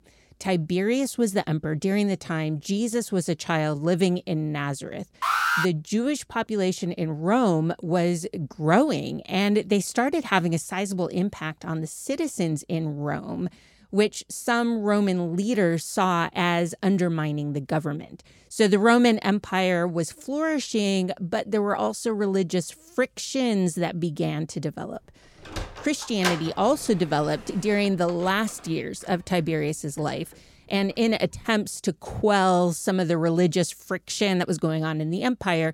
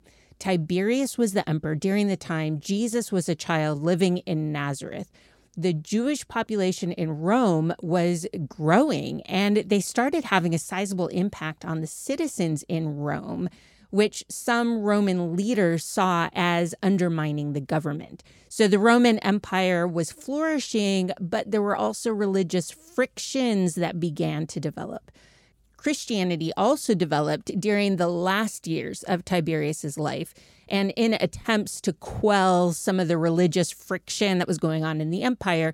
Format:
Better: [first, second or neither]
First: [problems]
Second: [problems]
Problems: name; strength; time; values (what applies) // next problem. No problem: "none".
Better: second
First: alarm; loud; at 5 s; peak 3 dB above the speech // door banging; noticeable; from 26 to 30 s; peak 3 dB below the speech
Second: none